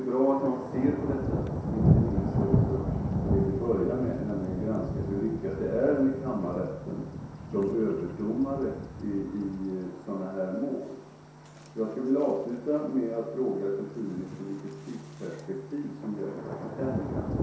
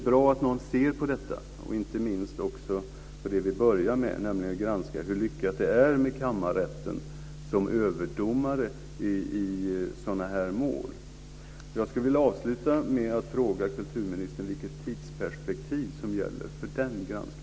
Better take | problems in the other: second | background sound (Thunder); 2 dB below the speech // room echo; dies away in 0.7 s

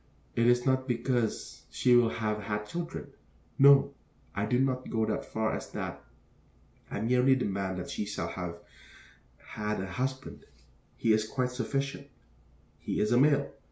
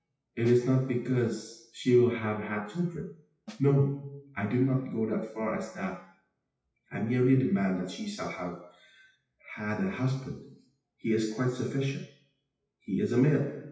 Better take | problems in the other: first | noise reduction (classical method WPE with log-MMSE)

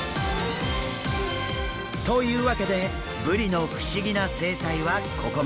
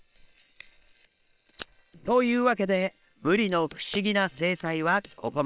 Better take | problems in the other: first | noise reduction (neural separator model SepFormer WHAM!)

